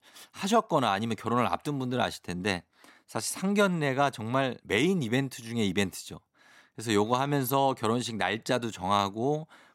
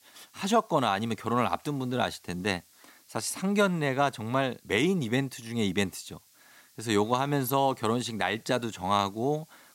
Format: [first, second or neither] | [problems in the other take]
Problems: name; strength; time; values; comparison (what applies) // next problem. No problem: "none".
first | hiss; faint; throughout; 30 dB below the speech